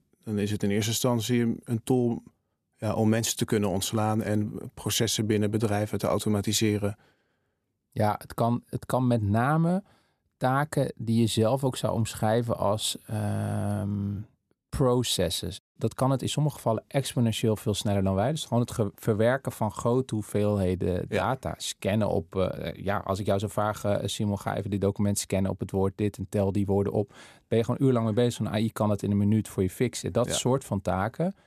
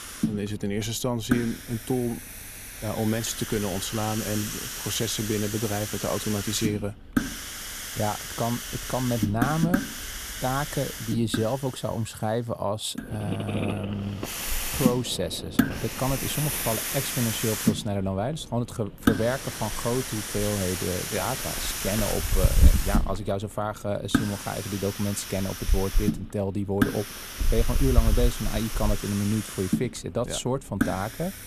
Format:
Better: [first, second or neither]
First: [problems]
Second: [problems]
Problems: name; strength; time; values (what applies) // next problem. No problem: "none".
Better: first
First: none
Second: hiss; loud; throughout; 1 dB below the speech